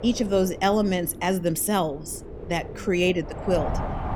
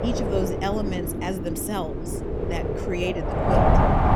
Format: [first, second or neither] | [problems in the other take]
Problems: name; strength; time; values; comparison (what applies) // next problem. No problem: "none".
first | wind noise on the microphone; heavy; 4 dB above the speech; occasional gusts in the first